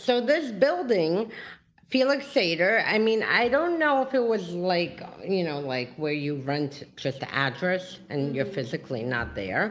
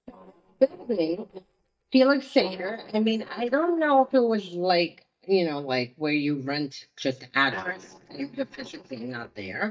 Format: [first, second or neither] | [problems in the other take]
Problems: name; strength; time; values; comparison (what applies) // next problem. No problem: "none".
first | noise reduction (neural mask model DeepFilterNet 3)